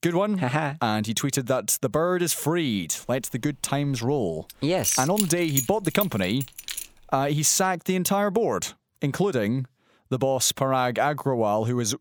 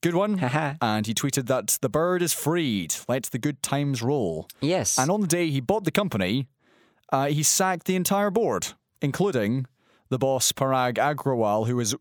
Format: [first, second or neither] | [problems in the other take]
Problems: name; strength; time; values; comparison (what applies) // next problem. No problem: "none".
second | jangling keys; noticeable; from 5 to 7 s; peak 3 dB below the speech